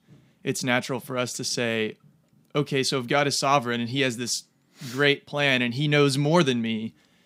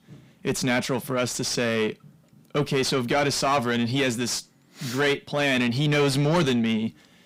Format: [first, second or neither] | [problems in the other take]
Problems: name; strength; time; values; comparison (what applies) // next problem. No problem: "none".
first | distortion; heavy; 7 dB below the speech